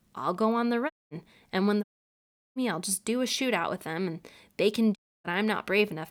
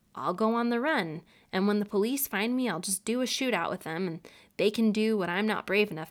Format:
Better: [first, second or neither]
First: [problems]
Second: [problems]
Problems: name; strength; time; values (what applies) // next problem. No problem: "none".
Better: second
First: audio cutting out; at 1 s, at 2 s for 0.5 s and at 5 s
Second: none